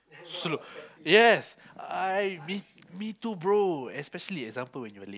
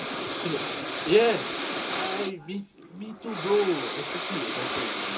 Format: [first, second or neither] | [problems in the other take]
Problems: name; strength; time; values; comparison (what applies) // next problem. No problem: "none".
first | background sound (Breathing); 3 dB below the speech // room echo; dies away in 0.2 s